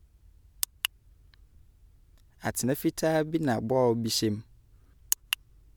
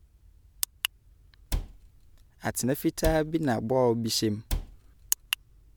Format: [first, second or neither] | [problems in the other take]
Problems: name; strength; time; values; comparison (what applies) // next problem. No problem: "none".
first | background sound (Cupboard open or close); 5 dB below the speech